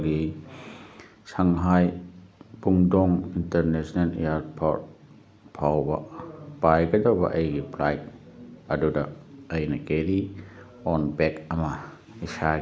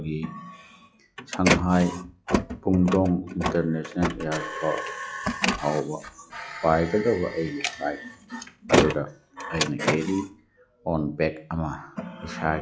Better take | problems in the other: first | noise reduction (classical method log-MMSE)

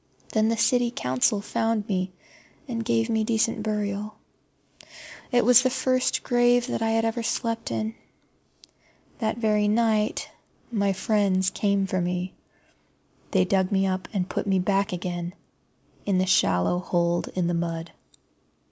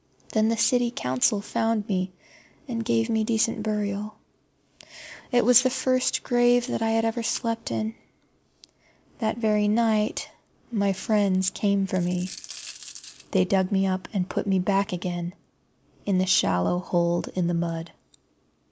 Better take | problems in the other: first | background sound (Coin (dropping)); 16 dB below the speech

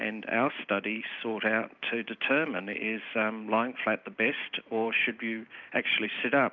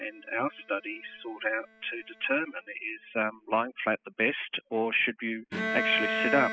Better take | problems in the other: first | noise reduction (classical method spectral subtraction)

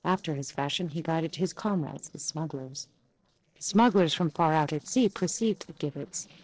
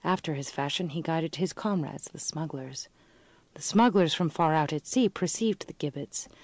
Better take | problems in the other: second | noise reduction (neural separator model SepFormer DNS4)

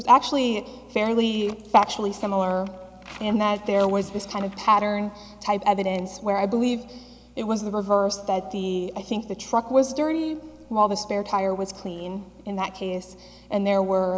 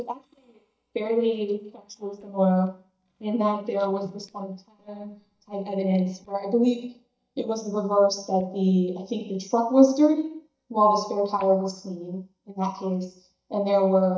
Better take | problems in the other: first | noise reduction (neural mask model DeepFilterNet 3)

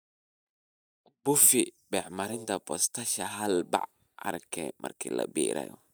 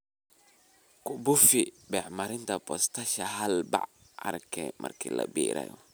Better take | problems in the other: second | noise reduction (neural mask model DeepFilterNet 3)

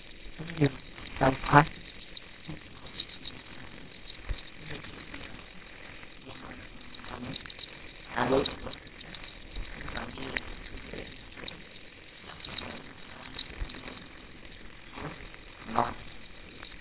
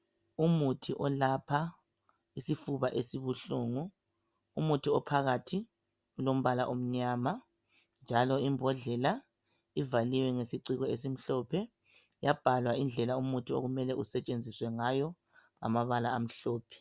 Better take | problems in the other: second | noise reduction (neural separator model SepFormer WHAMR!)

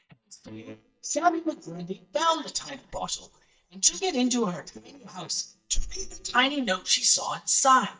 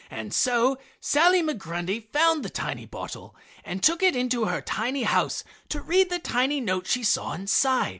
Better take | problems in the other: second | noise reduction (neural mask model DeepFilterNet 3)

